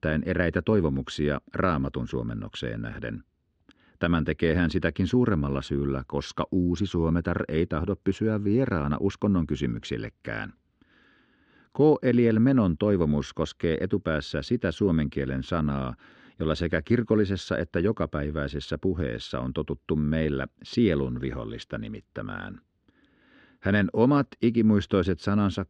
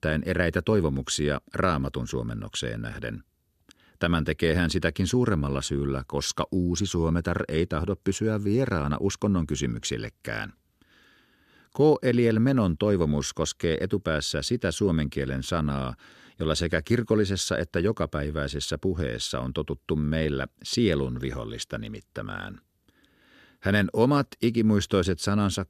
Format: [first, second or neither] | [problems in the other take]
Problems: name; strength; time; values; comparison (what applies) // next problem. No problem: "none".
second | muffled; slightly; fading above 3 kHz